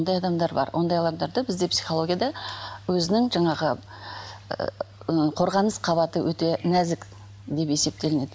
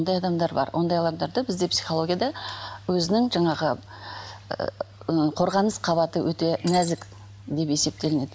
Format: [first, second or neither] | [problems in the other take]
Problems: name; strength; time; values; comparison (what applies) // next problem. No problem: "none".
first | background sound (Shatter); 12 dB below the speech